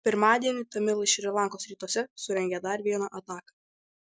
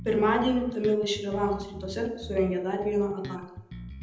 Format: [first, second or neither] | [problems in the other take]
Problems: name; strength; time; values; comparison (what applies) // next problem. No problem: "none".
first | background sound (Bass guitar); 14 dB below the speech // room echo; dies away in 0.8 s